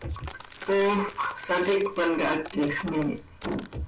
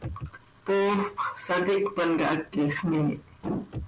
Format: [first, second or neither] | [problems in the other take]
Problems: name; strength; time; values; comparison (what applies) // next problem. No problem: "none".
second | background sound (Walk, footsteps); 17 dB below the speech // room echo; dies away in 0.2 s